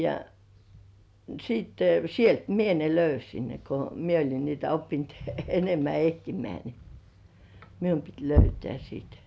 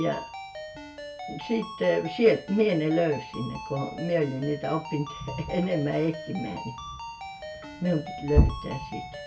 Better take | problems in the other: first | background sound (Ringtone); 12 dB below the speech // room echo; dies away in 0.1 s

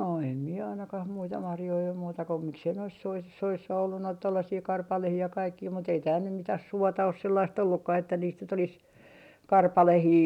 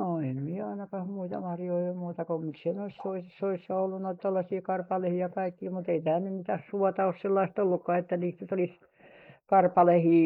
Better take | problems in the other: first | noise reduction (neural mask model Resemble Enhance denoiser)

